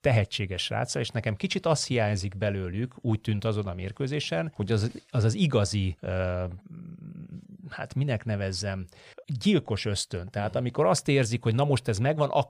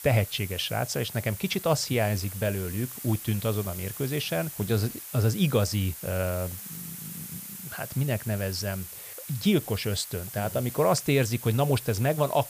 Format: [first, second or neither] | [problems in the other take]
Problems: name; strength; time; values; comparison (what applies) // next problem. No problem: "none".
first | hiss; noticeable; throughout; 10 dB below the speech